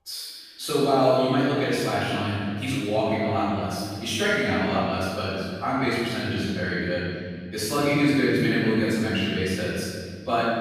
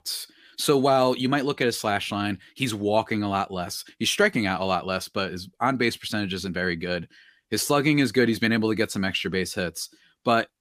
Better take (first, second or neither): second